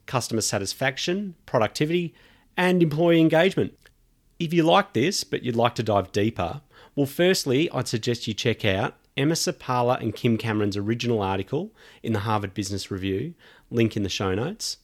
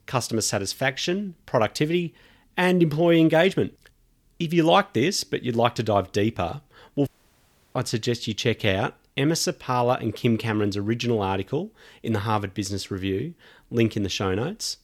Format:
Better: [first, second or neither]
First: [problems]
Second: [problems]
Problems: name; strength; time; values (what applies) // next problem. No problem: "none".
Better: first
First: none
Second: audio cutting out; at 7 s for 0.5 s